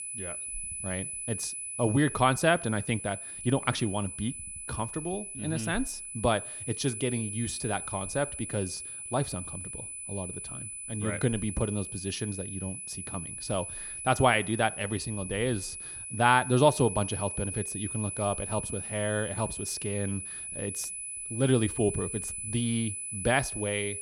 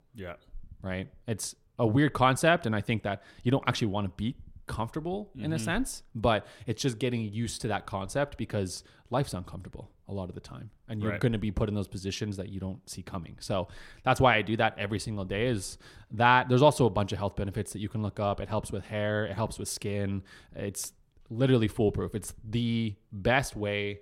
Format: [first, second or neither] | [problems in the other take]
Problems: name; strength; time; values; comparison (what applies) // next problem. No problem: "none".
second | high-pitched whine; loud; throughout; 10 kHz, 6 dB below the speech